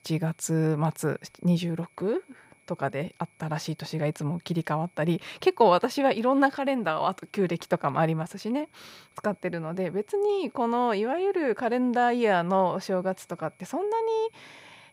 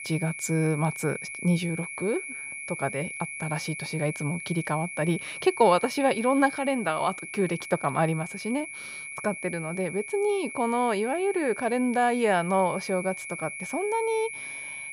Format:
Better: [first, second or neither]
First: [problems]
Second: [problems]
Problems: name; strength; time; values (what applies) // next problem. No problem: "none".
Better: first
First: high-pitched whine; faint; throughout; 2 kHz, 35 dB below the speech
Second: high-pitched whine; loud; throughout; 2 kHz, 8 dB below the speech